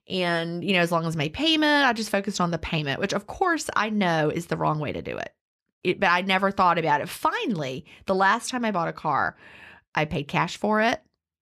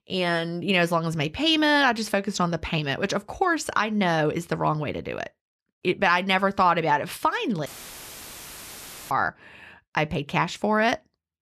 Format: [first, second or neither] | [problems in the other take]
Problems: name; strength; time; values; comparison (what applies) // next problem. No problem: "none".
first | audio cutting out; filled with static; at 7.5 s for 1.5 s